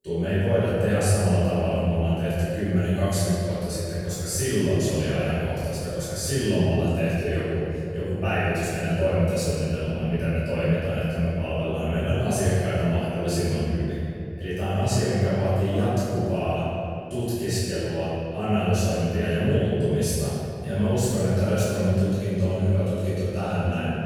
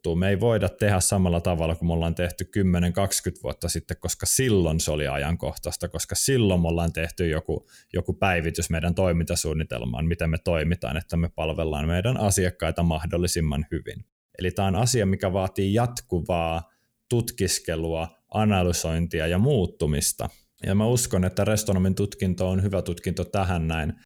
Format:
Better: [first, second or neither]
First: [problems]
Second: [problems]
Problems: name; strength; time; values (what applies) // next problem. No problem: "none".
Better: second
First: off-mic speech; far // room echo; strong; dies away in 2.5 s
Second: none